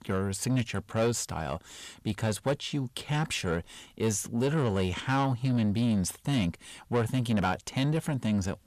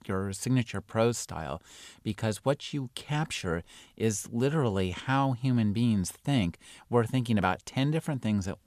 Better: second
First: distortion; slight; 10 dB below the speech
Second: none

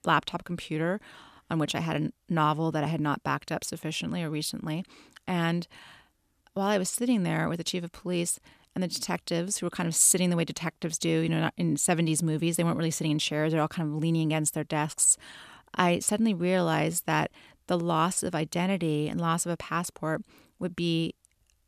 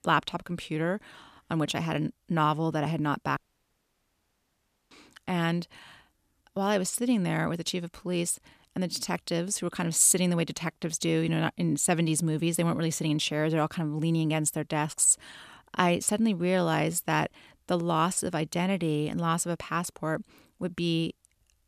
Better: first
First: none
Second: audio cutting out; at 3.5 s for 1.5 s

